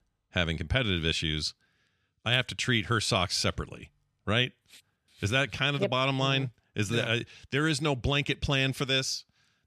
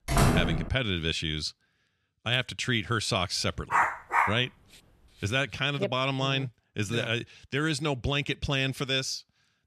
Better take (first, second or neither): first